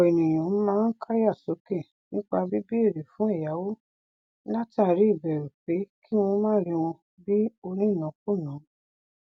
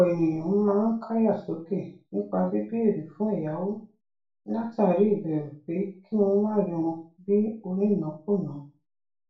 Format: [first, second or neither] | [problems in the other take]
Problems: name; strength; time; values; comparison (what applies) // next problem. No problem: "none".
first | room echo; dies away in 0.3 s